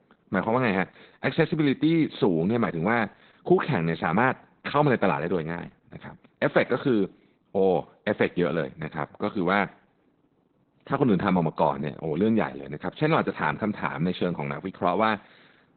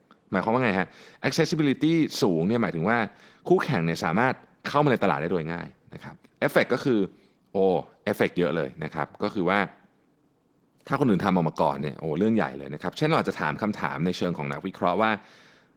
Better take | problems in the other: second | garbled, watery; badly; nothing above 4 kHz; slightly in the second

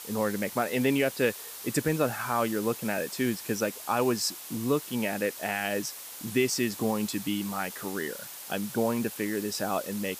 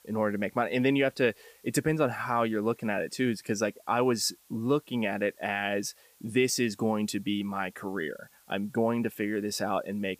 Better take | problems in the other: second | hiss; loud; throughout; 10 dB below the speech; faint in the second

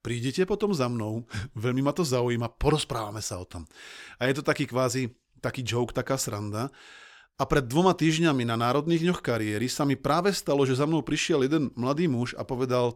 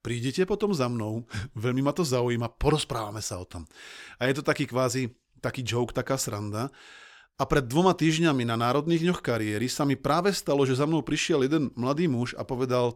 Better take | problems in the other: neither | none

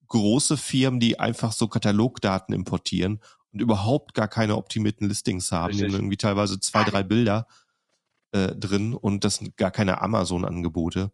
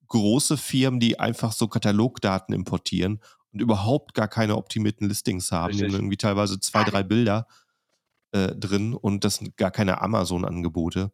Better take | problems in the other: second | garbled, watery; slightly; nothing above 10 kHz

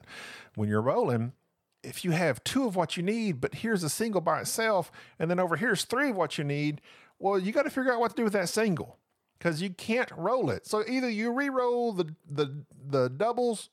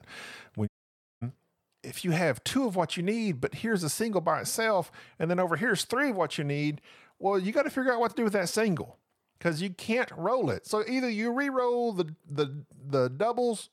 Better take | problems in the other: first | audio cutting out; at 0.5 s for 0.5 s

